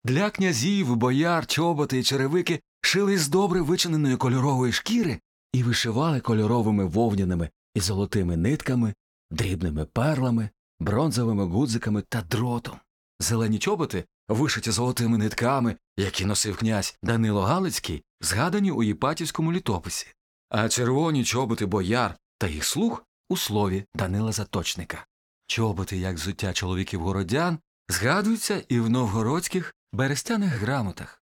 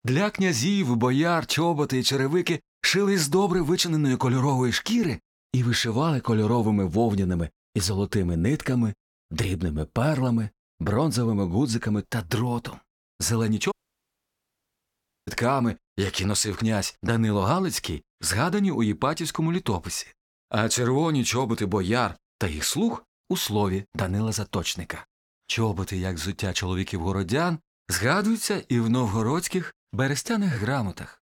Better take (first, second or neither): first